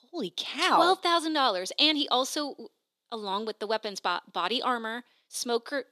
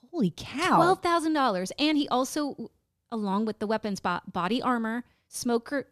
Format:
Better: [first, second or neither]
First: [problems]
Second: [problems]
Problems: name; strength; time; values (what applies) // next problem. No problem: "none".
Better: second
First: thin; somewhat; fading below 350 Hz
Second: none